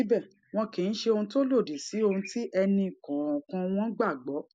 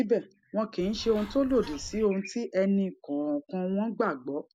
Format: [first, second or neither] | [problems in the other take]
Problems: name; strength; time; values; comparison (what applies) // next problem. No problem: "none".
first | background sound (Bird); 15 dB below the speech